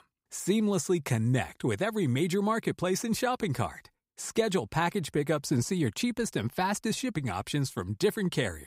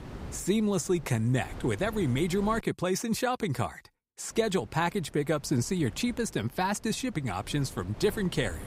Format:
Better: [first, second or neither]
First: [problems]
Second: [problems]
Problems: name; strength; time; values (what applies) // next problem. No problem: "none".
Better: first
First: none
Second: wind noise on the microphone; occasional gusts; until 2.5 s and from 4.5 s on; 20 dB below the speech